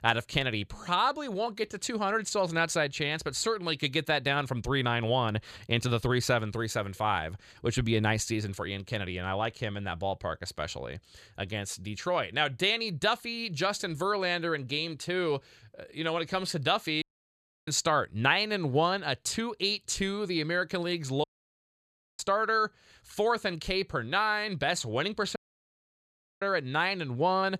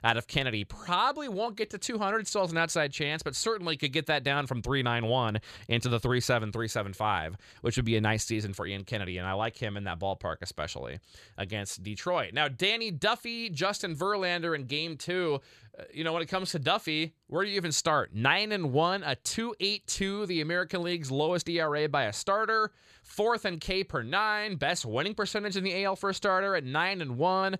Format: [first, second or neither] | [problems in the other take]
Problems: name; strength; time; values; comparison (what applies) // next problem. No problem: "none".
second | audio cutting out; at 17 s for 0.5 s, at 21 s for 1 s and at 25 s for 1 s